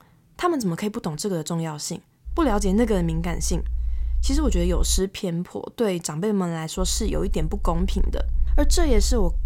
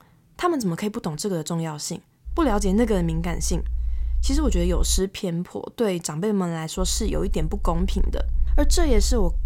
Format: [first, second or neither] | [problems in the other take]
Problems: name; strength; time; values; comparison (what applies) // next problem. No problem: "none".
neither | low rumble; faint; from 2.5 to 5 s and from 7 s on; 25 dB below the speech; the same in both